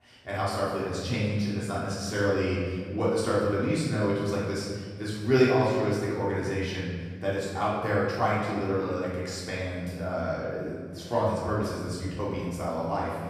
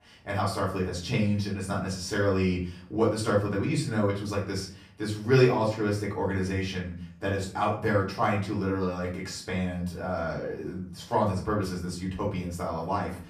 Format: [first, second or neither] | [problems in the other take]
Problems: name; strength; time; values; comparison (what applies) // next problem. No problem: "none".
second | room echo; strong; dies away in 1.6 s; slight in the second // off-mic speech; far; far in the second